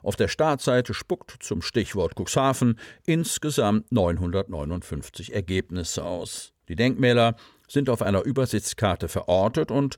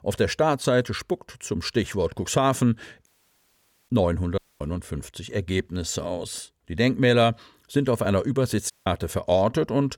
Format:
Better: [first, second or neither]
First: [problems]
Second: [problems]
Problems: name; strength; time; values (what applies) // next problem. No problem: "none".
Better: first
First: none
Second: audio cutting out; at 3 s for 1 s, at 4.5 s and at 8.5 s